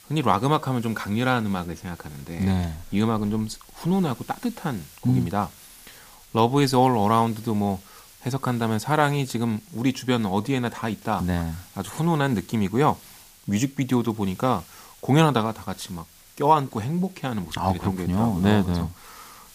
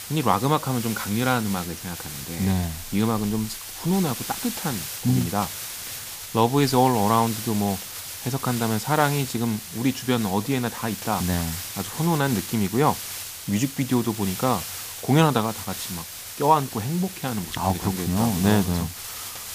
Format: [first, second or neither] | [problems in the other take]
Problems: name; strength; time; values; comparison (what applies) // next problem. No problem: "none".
first | hiss; loud; throughout; 8 dB below the speech; faint in the first